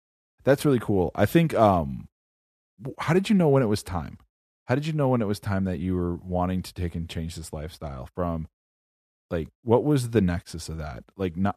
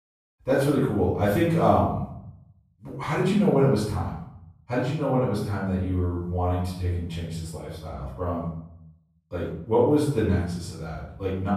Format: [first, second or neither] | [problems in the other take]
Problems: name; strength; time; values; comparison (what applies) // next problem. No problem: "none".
first | room echo; noticeable; dies away in 0.6 s // off-mic speech; far